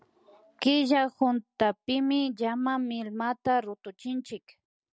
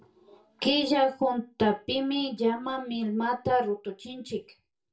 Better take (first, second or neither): first